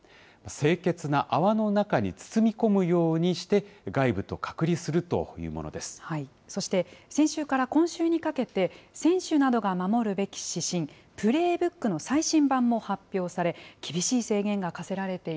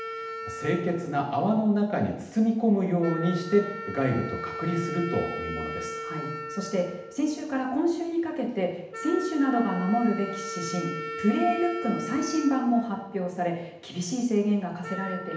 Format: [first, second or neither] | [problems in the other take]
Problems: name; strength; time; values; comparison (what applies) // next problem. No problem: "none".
first | background sound (Wind instrument, woodwind instrument); 10 dB below the speech // room echo; dies away in 0.8 s